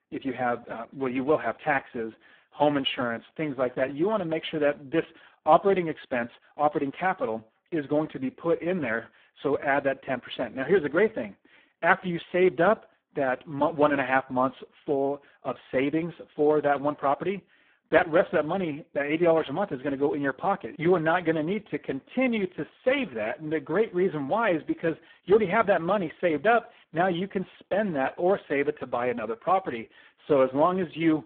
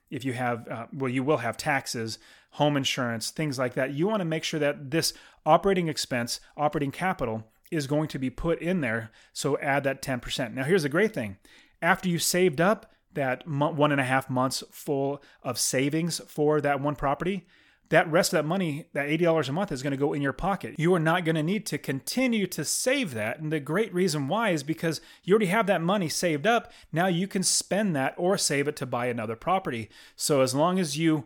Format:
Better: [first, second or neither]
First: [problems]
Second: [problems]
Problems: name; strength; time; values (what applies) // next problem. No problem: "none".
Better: second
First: phone-call audio; poor line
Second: none